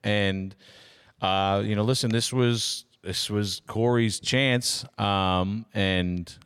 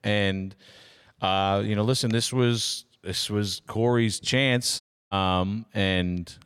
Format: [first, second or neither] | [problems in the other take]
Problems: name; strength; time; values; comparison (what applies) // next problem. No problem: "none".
first | audio cutting out; at 5 s